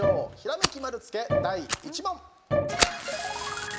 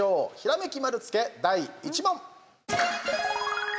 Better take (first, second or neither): second